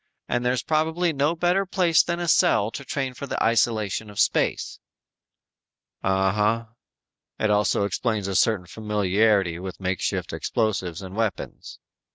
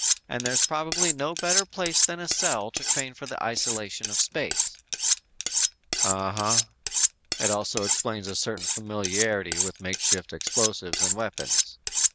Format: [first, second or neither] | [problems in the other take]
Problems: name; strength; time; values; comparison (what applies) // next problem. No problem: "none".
first | background sound (Cutlery, silverware); 4 dB above the speech